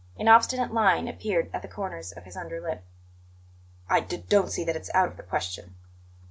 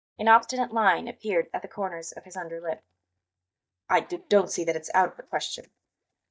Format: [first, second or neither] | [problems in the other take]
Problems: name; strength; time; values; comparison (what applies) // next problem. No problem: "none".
first | noise reduction (neural mask model DeepFilterNet 3)